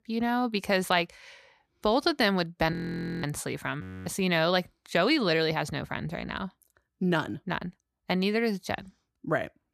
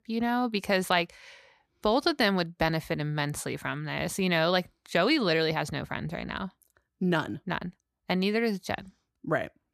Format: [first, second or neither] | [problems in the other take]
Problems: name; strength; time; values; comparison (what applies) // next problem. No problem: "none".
second | audio freezing; at 2.5 s for 0.5 s and at 4 s